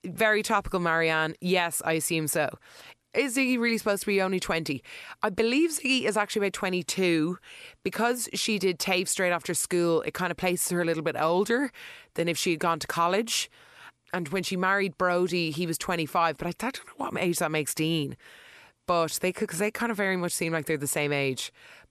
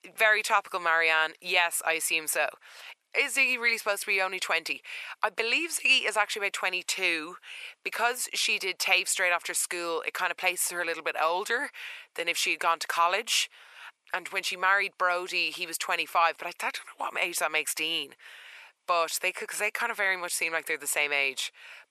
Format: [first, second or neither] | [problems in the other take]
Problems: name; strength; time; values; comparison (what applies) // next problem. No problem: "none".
first | thin; very; fading below 800 Hz